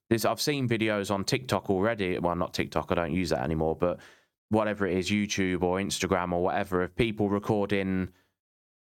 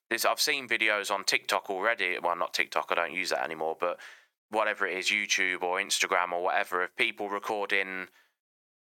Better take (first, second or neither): first